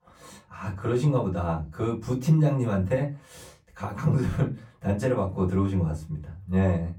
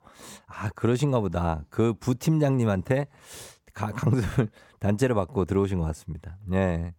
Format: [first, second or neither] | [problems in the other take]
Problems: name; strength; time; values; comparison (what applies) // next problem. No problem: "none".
second | off-mic speech; far // room echo; very slight; dies away in 0.3 s